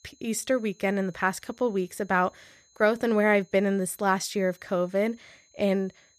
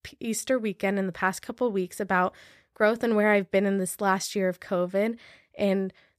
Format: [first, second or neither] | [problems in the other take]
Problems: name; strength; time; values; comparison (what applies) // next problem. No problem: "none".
second | high-pitched whine; faint; throughout; 6.5 kHz, 30 dB below the speech